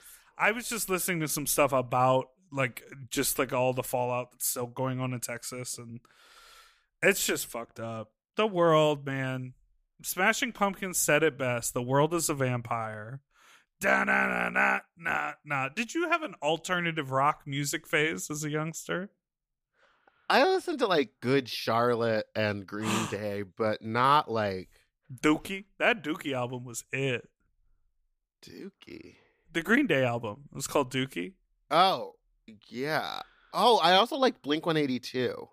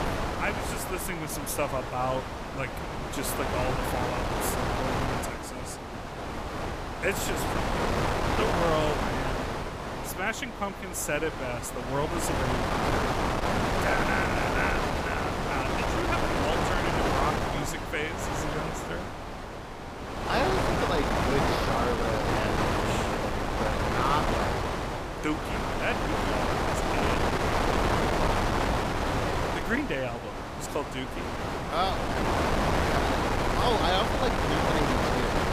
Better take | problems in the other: first | wind noise on the microphone; heavy; 3 dB above the speech

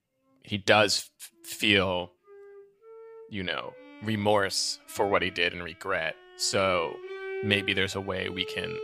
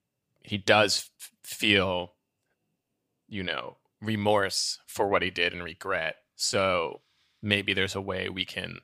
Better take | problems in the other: second | background music; noticeable; throughout; 15 dB below the speech

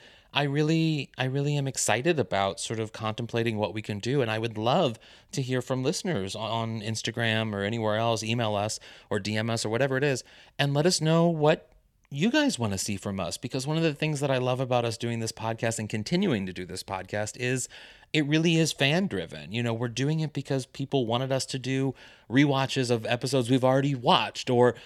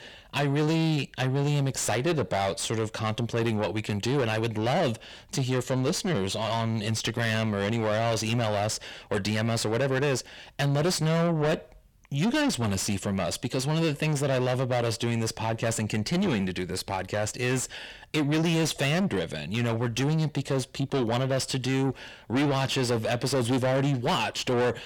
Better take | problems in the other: first | distortion; heavy; 7 dB below the speech

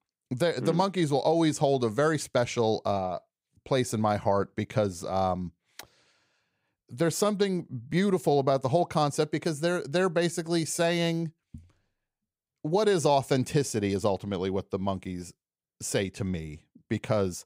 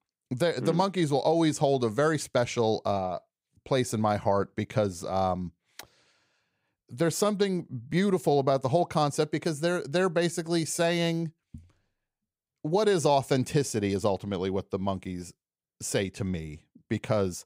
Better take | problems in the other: neither | none

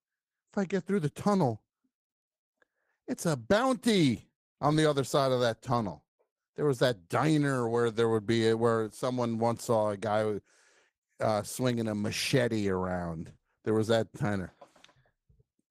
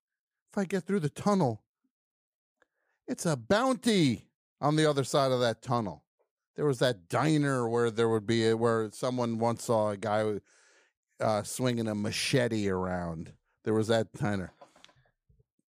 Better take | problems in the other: second | garbled, watery; slightly; nothing above 15 kHz

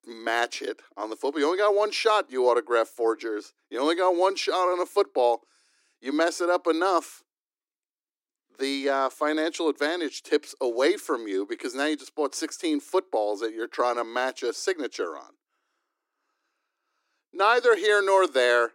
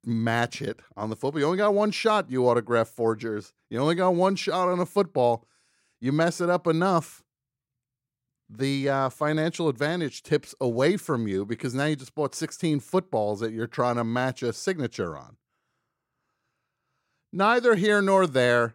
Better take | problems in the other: second | thin; somewhat; fading below 300 Hz

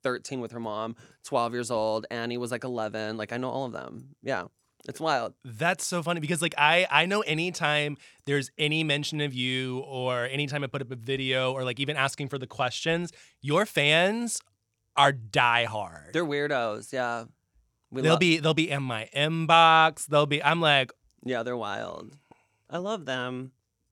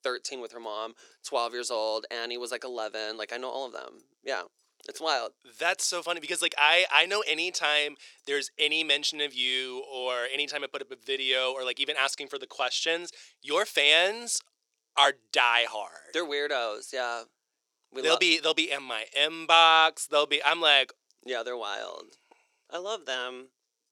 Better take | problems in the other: first | thin; very; fading below 400 Hz

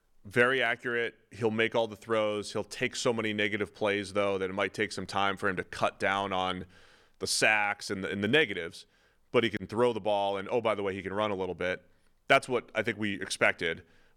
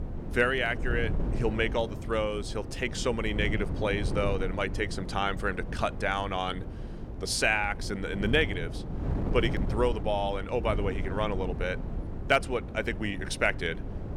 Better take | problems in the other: first | wind noise on the microphone; occasional gusts; 15 dB below the speech

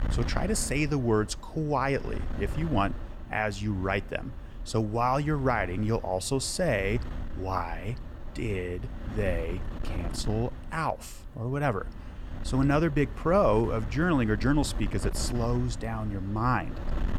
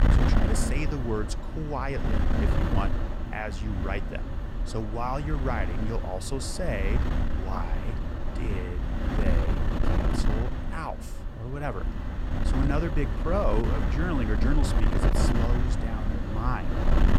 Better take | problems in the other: first | wind noise on the microphone; heavy; 2 dB below the speech; occasional gusts in the first

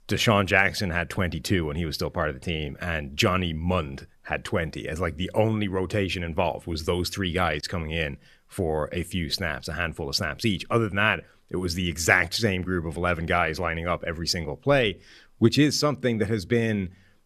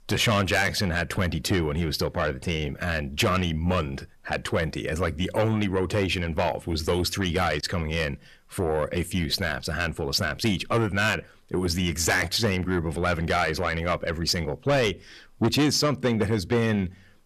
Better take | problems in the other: first | distortion; heavy; 7 dB below the speech

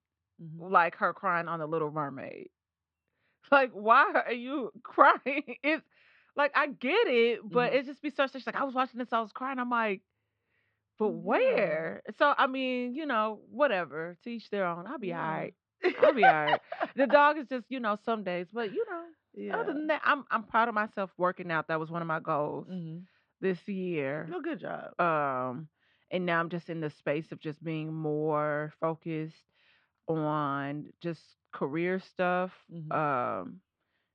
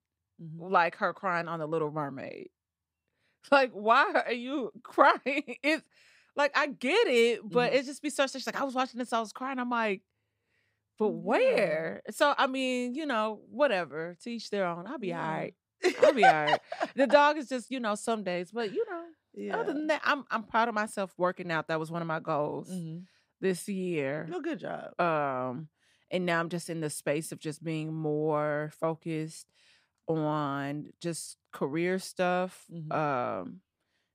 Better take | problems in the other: second | muffled; slightly; fading above 3.5 kHz

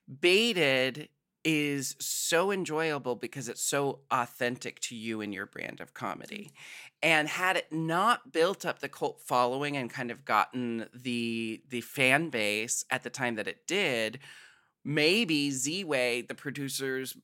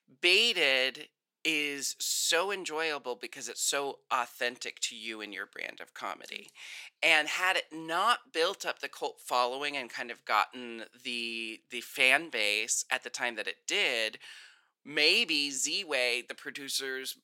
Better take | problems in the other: first | thin; somewhat; fading below 400 Hz

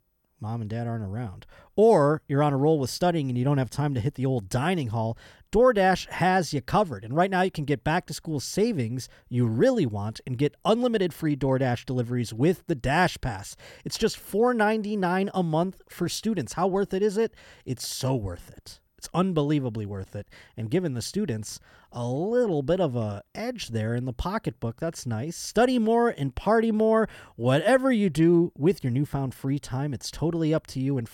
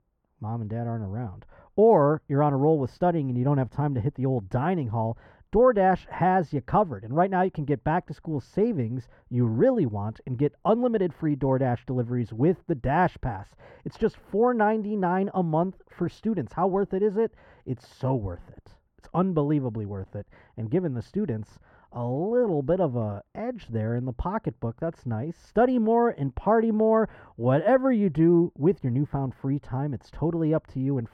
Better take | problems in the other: first | muffled; very; fading above 3 kHz

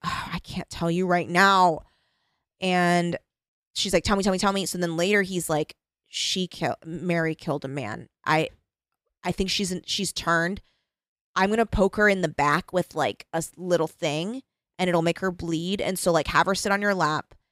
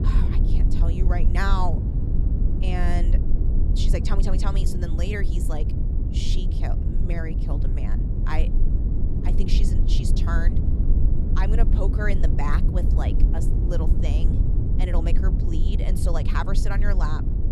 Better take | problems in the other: first | low rumble; loud; throughout; 4 dB below the speech

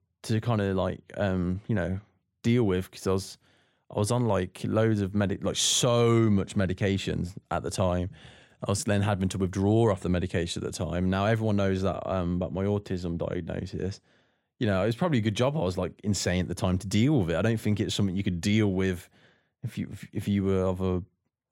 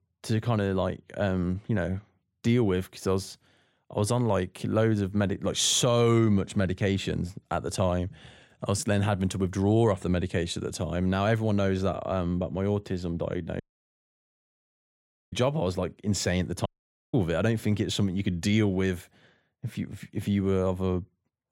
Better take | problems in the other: first | audio cutting out; at 14 s for 1.5 s and at 17 s

